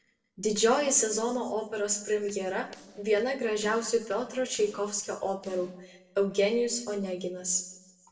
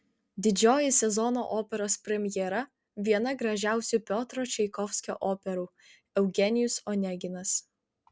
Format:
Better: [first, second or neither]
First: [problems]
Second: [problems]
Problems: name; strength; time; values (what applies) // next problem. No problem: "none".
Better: second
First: noise reduction (neural separator model SepFormer DNS4)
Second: none